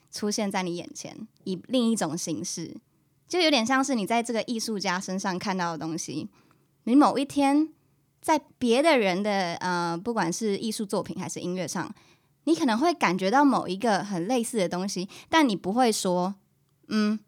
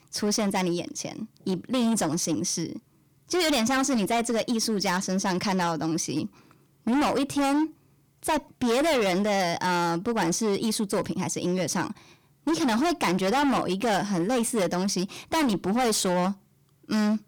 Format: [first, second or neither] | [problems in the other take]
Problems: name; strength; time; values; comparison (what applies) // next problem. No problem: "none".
first | distortion; heavy; 19% of the sound clipped